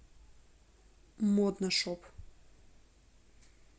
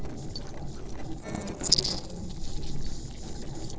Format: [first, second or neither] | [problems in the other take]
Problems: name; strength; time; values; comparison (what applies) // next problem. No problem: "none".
first | noise reduction (neural separator model SepFormer DNS4)